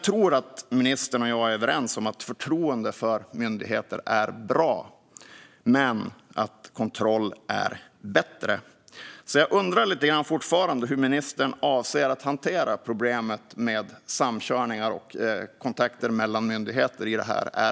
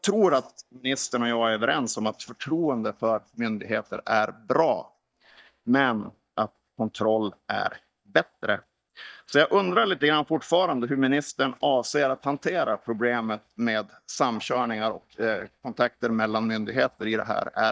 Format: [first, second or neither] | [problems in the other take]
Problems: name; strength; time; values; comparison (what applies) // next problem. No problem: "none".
first | noise reduction (neural mask model DeepFilterNet 3)